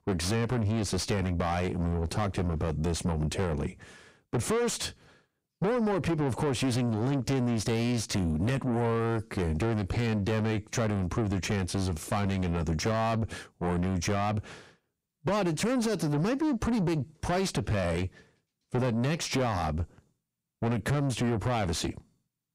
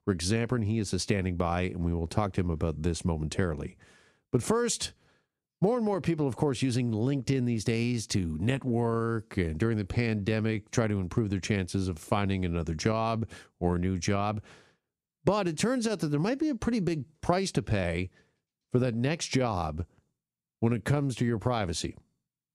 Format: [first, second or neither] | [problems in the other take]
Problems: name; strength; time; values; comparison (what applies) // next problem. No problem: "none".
second | distortion; heavy; 5 dB below the speech